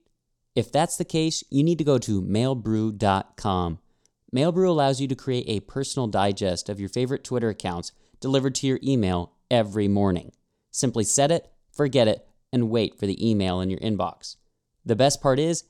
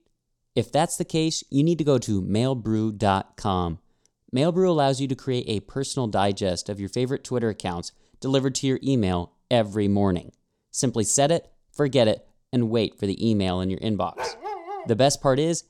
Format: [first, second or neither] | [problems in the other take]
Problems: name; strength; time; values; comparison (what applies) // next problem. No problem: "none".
first | dog barking; noticeable; at 14 s; peak 8 dB below the speech